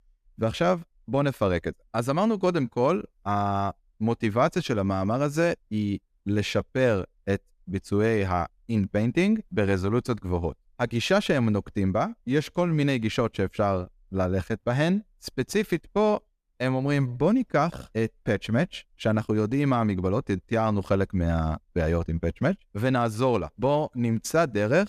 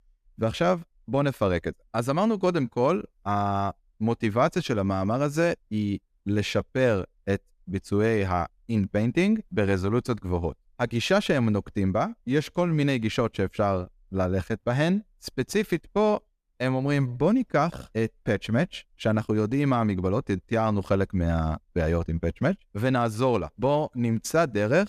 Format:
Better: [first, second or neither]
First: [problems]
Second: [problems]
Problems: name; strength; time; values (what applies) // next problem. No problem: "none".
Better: neither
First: none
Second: none